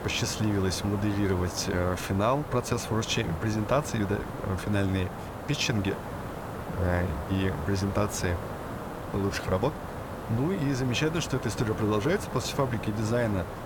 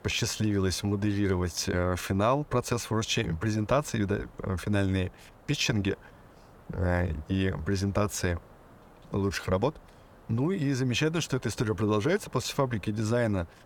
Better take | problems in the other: second | hiss; loud; throughout; 8 dB below the speech; faint in the second

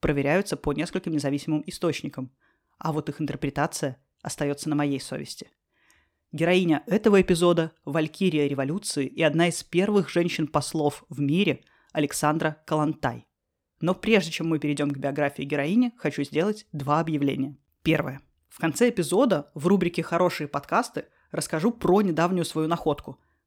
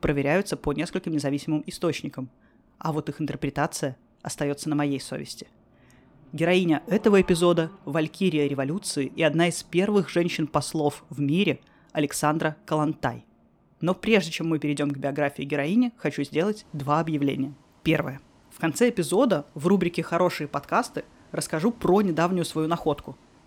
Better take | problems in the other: first | traffic noise; faint; throughout; 30 dB below the speech

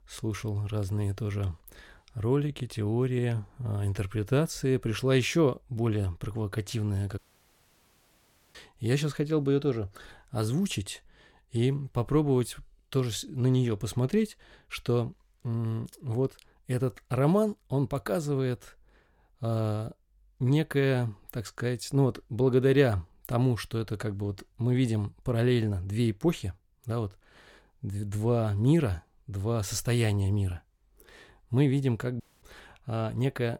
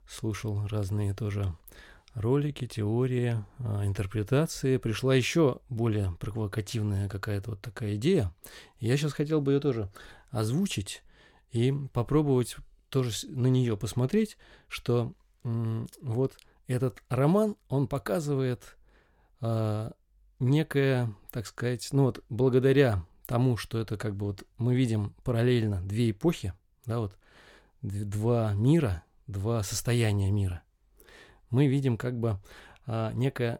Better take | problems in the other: second | audio cutting out; at 7 s for 1.5 s and at 32 s

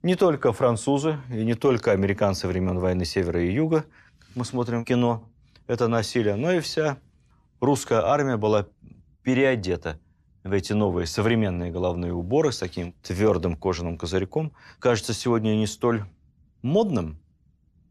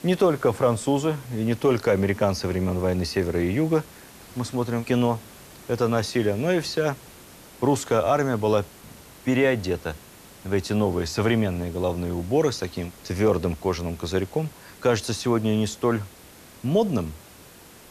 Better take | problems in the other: first | hiss; faint; throughout; 20 dB below the speech

